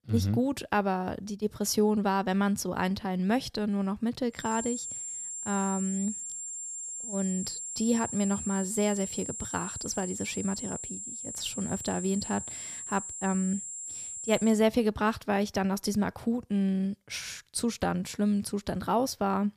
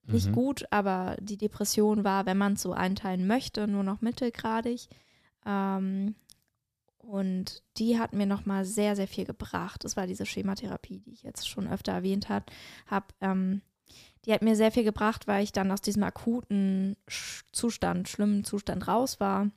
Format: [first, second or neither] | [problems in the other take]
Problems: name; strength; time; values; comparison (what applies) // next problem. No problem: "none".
second | high-pitched whine; loud; from 4.5 to 15 s; 7.5 kHz, 6 dB below the speech